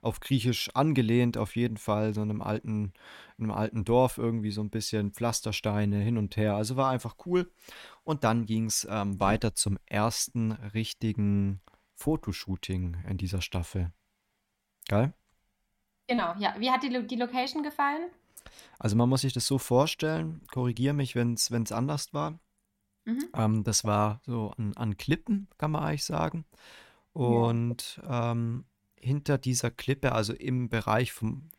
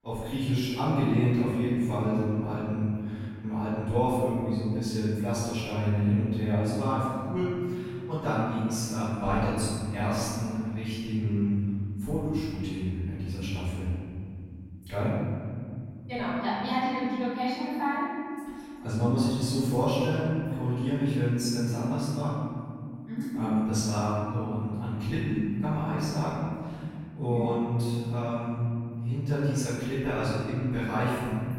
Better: first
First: none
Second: off-mic speech; far // room echo; strong; dies away in 3 s

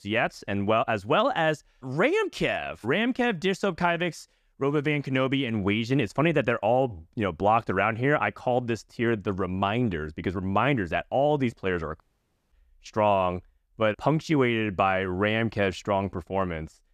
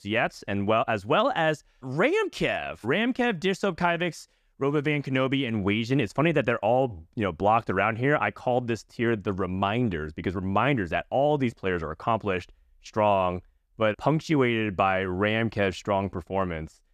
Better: second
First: audio cutting out; at 12 s for 0.5 s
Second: none

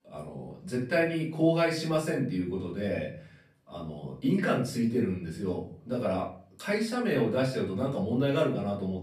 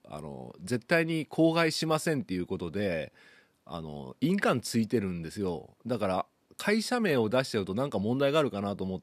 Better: second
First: off-mic speech; far // room echo; slight; dies away in 0.5 s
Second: none

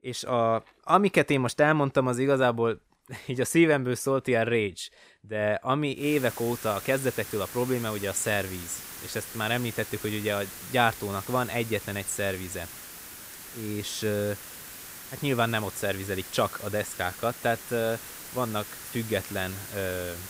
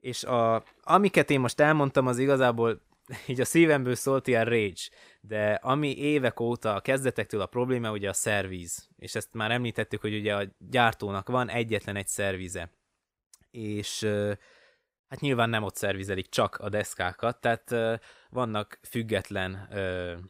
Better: second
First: hiss; noticeable; from 6 s on; 10 dB below the speech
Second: none

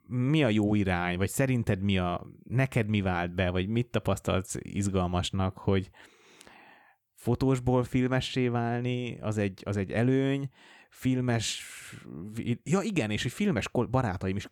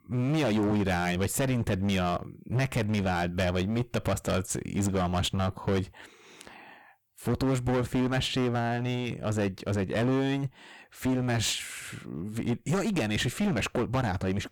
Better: first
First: none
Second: distortion; heavy; 18% of the sound clipped

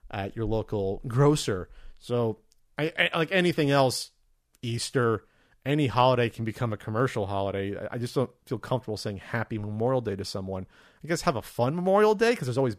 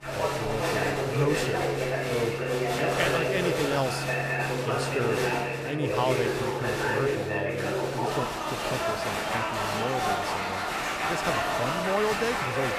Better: first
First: none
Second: crowd noise; very loud; throughout; 5 dB above the speech

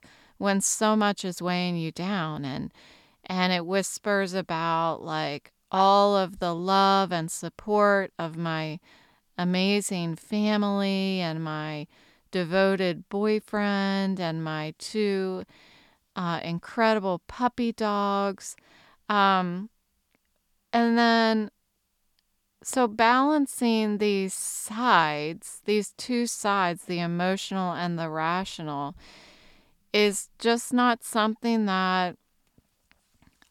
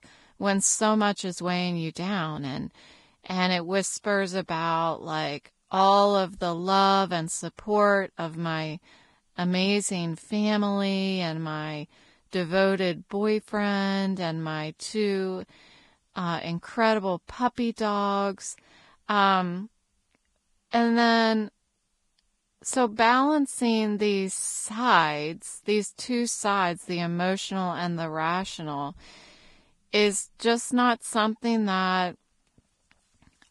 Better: first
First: none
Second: garbled, watery; badly; nothing above 10 kHz

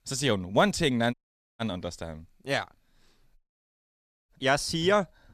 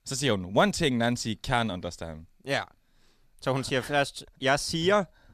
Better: second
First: audio cutting out; at 1 s and at 3.5 s for 1 s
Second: none

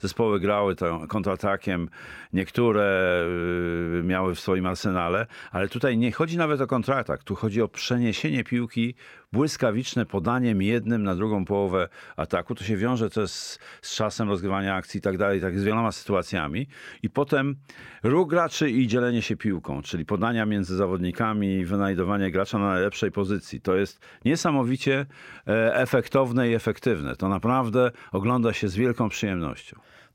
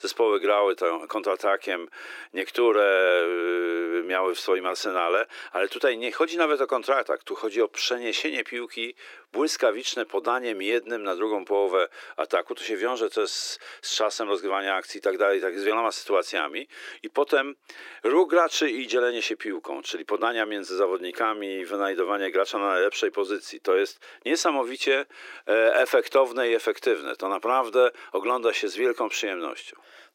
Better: first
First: none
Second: thin; very; fading below 300 Hz

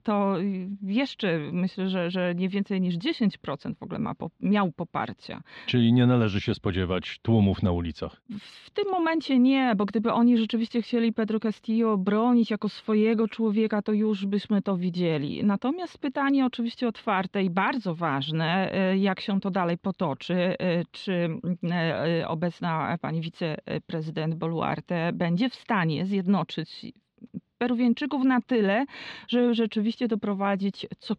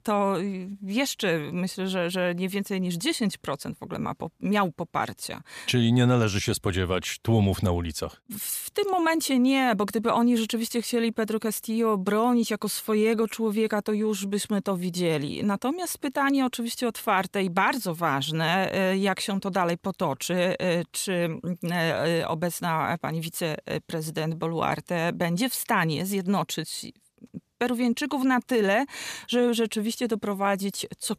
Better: second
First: muffled; very slightly; fading above 3.5 kHz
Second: none

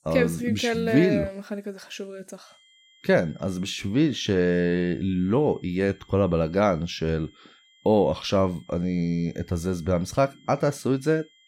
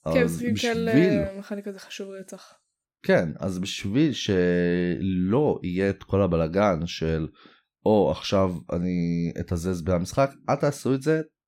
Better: second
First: high-pitched whine; faint; from 2.5 s on; 3 kHz, 30 dB below the speech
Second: none

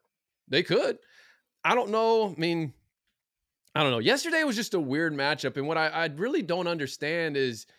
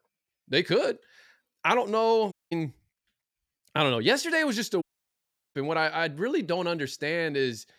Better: first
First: none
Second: audio cutting out; at 2.5 s and at 5 s for 0.5 s

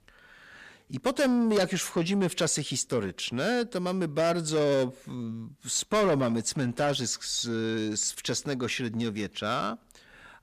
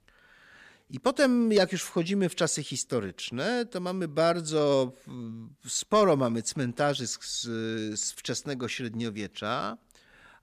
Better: second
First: distortion; slight; 10 dB below the speech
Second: none

